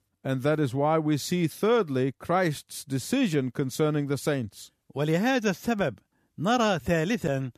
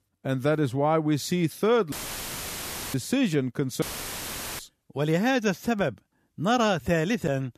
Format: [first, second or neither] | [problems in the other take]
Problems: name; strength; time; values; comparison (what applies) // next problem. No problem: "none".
first | audio cutting out; filled with static; at 2 s for 1 s and at 4 s for 1 s